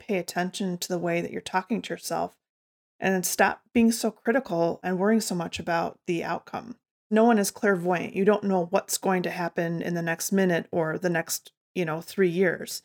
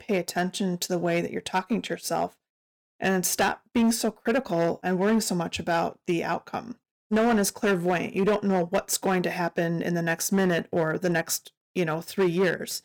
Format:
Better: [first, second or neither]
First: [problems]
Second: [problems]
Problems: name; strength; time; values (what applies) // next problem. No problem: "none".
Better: first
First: none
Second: distortion; slight; 6% of the sound clipped